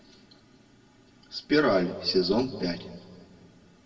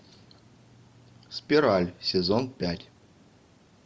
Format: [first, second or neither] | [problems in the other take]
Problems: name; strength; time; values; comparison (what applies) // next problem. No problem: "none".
second | room echo; dies away in 1.7 s